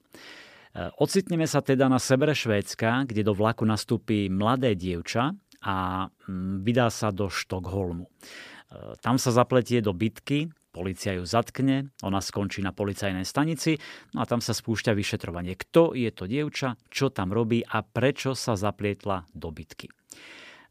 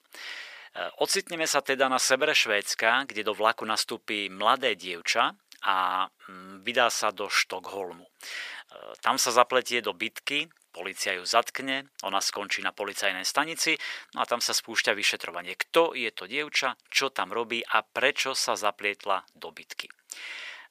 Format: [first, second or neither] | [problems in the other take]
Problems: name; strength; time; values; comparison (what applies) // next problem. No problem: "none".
first | thin; very; fading below 750 Hz